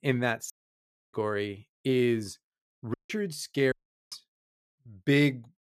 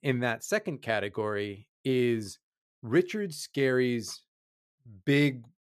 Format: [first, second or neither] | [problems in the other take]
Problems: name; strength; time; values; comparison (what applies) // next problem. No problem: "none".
second | audio cutting out; at 0.5 s for 0.5 s, at 3 s and at 3.5 s